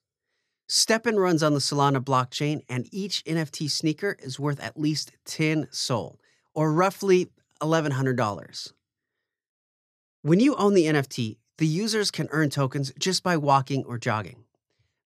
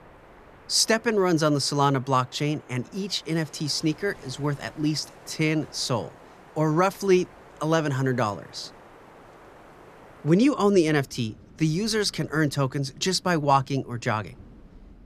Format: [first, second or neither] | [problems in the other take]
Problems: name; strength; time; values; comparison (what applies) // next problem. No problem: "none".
first | wind in the background; faint; throughout; 25 dB below the speech